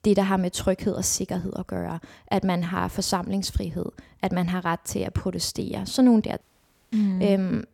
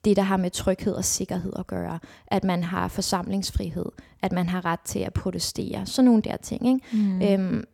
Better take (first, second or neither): second